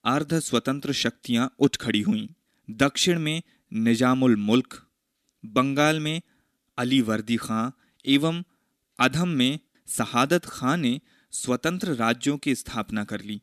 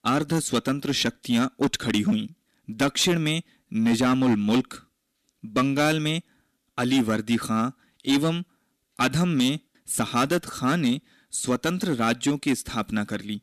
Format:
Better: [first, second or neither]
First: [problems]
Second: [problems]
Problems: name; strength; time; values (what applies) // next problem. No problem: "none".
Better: first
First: none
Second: distortion; slight; 6% of the sound clipped